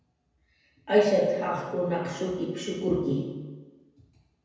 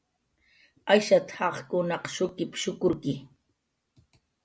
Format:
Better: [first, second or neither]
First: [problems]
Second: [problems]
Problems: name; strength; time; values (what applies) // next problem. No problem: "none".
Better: second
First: room echo; dies away in 1.2 s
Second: none